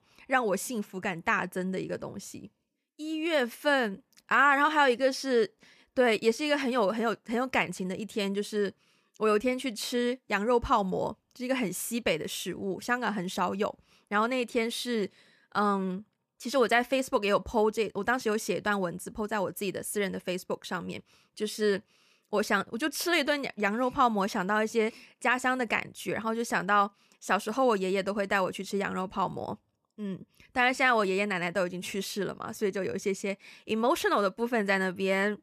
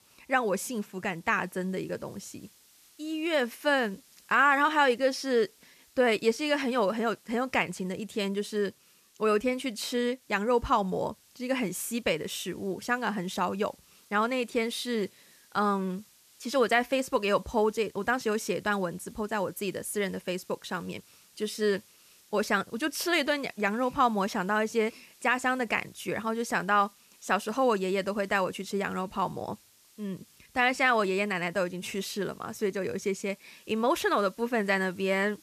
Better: first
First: none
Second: hiss; faint; throughout; 30 dB below the speech

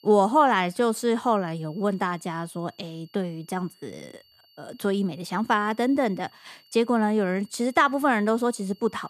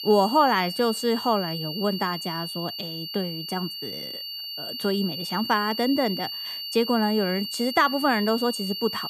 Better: first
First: high-pitched whine; faint; throughout; 4.5 kHz, 30 dB below the speech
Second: high-pitched whine; loud; throughout; 4.5 kHz, 6 dB below the speech

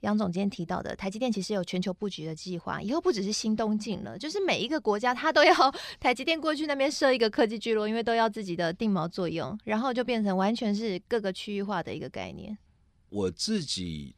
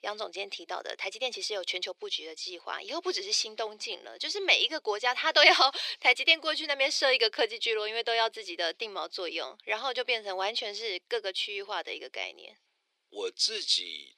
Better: first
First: none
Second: thin; very; fading below 350 Hz

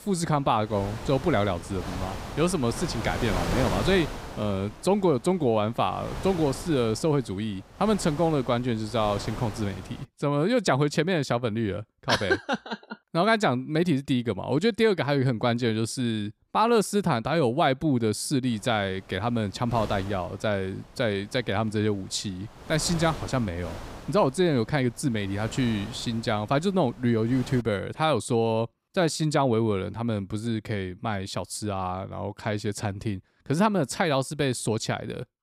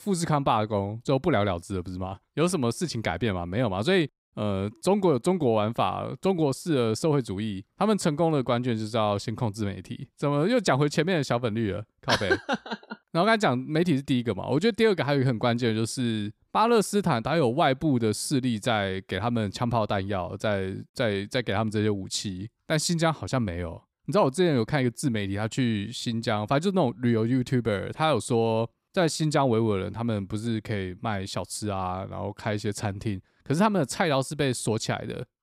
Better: second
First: wind noise on the microphone; occasional gusts; until 10 s and from 18 to 28 s; 10 dB below the speech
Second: none

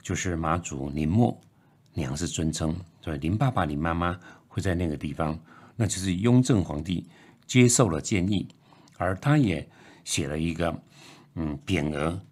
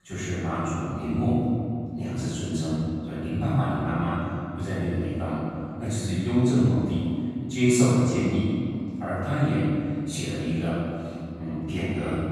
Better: first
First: none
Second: off-mic speech; far // room echo; strong; dies away in 2.5 s

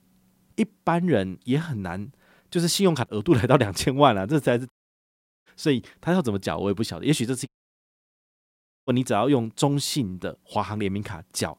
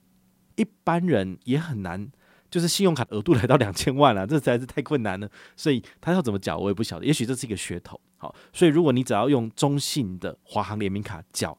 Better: second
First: audio cutting out; at 4.5 s for 1 s and at 7.5 s for 1.5 s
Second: none

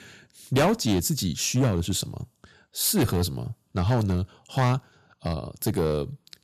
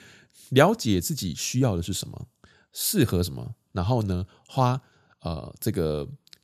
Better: second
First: distortion; heavy; 6% of the sound clipped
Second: none

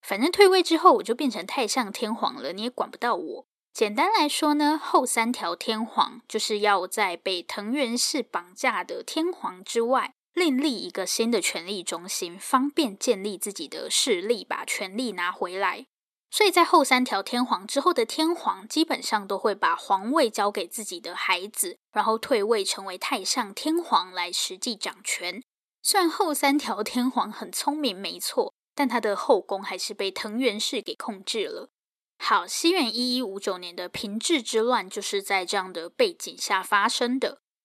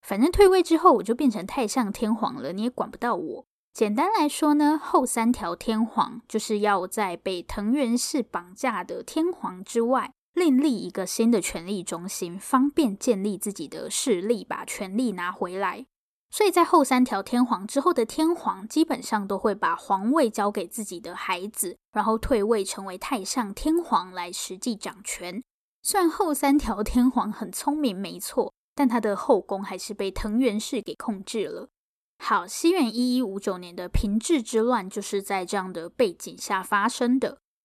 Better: second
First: thin; very slightly; fading below 350 Hz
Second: none

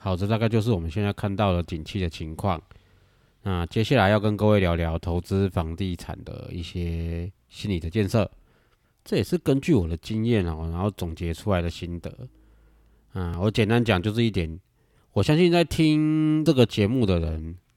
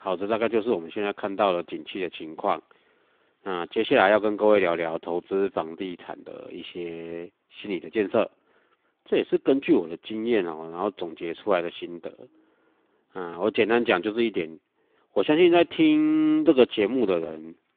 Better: first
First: none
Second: phone-call audio

